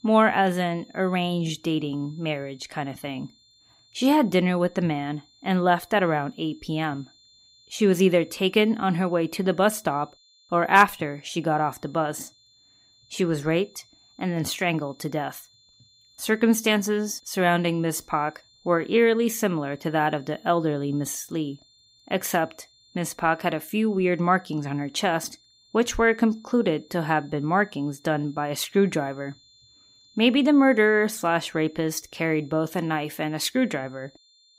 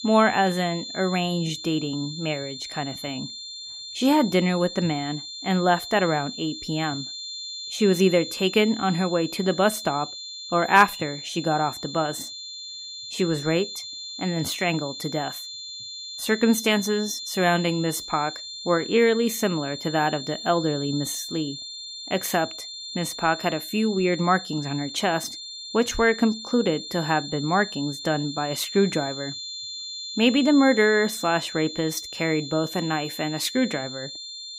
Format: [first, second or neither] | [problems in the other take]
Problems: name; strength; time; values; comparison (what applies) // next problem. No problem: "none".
first | high-pitched whine; loud; throughout; 4 kHz, 10 dB below the speech; faint in the first